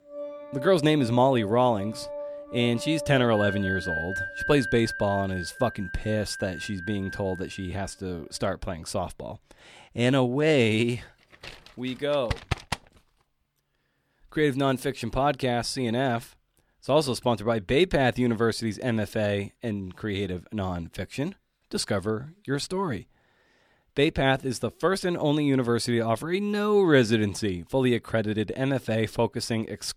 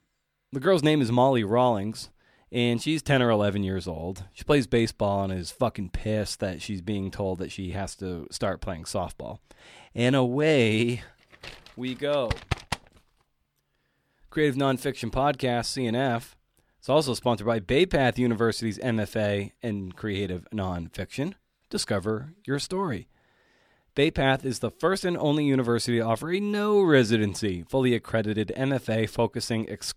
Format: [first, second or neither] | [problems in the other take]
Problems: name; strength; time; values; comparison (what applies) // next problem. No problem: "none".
second | background music; loud; until 8 s; 9 dB below the speech